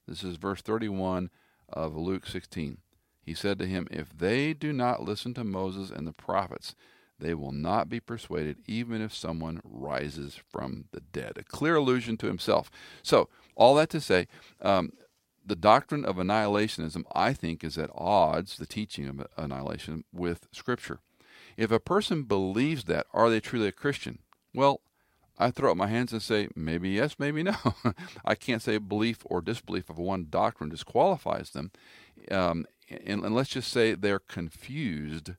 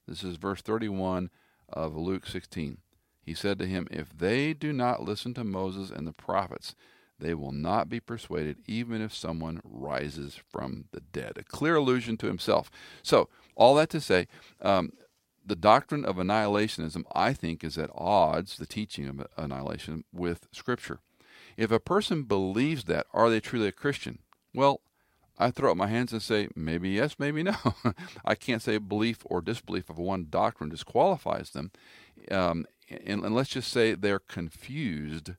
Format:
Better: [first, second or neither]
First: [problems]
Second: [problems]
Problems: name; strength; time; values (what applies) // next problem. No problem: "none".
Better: neither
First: none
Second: none